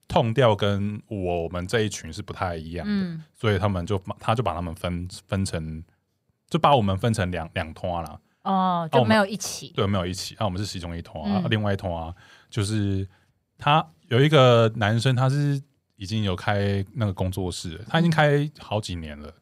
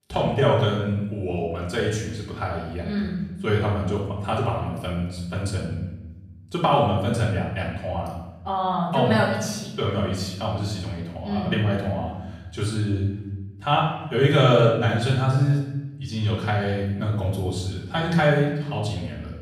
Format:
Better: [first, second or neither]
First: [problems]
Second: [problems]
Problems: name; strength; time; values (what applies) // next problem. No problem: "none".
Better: first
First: none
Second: off-mic speech; far // room echo; noticeable; dies away in 1 s